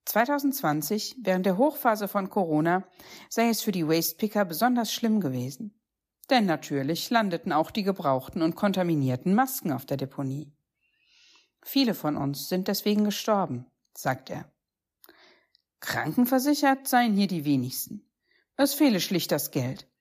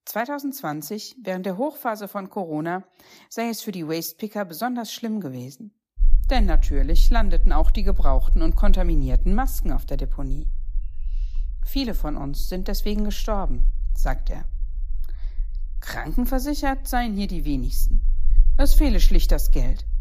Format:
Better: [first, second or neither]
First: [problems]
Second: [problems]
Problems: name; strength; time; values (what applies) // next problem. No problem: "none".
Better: first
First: none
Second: low rumble; faint; from 6 s on; 25 dB below the speech